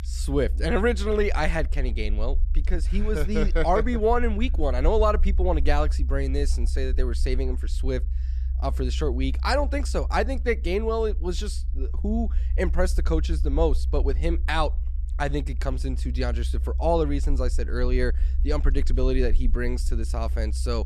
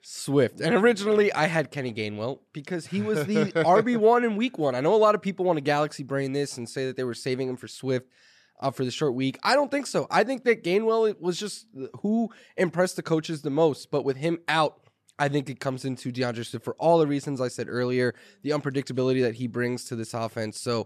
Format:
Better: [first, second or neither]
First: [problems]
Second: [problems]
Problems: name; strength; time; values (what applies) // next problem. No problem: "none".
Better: second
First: low rumble; faint; throughout; 20 dB below the speech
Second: none